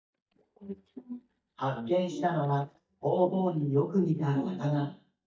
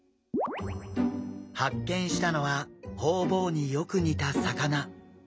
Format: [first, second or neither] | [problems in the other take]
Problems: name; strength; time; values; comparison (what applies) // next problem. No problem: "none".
second | noise reduction (neural mask model DeepFilterNet 3)